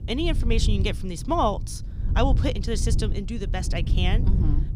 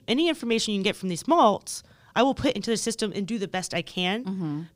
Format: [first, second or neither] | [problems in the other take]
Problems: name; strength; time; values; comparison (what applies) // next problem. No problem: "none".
second | low rumble; noticeable; throughout; 15 dB below the speech